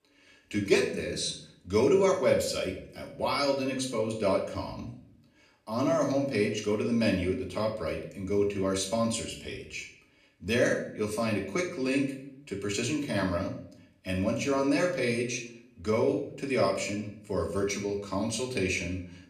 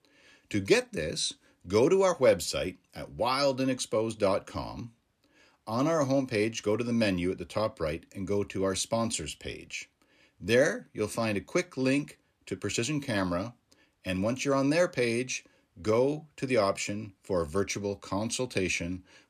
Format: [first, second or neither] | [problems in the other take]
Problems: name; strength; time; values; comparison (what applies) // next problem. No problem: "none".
second | room echo; slight; dies away in 0.5 s // off-mic speech; far